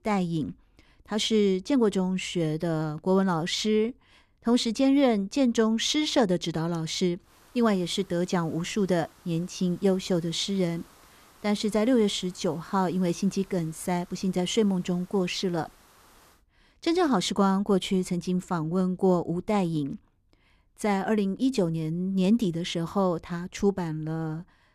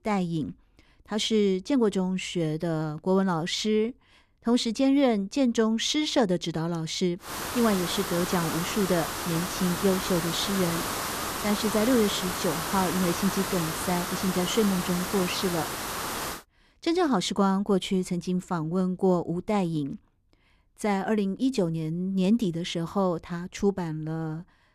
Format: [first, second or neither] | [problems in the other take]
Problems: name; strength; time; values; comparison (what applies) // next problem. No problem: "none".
first | hiss; loud; from 7.5 to 16 s; 4 dB below the speech; faint in the first